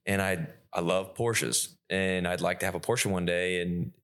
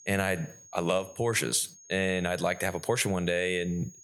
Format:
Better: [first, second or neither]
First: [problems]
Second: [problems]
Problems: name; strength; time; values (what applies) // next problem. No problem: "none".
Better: first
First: none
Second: high-pitched whine; faint; throughout; 6.5 kHz, 20 dB below the speech